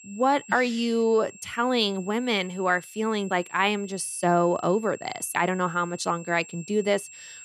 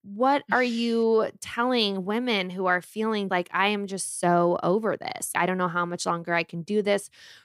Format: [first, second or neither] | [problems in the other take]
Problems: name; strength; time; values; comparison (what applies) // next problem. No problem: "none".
second | high-pitched whine; noticeable; throughout; 7.5 kHz, 20 dB below the speech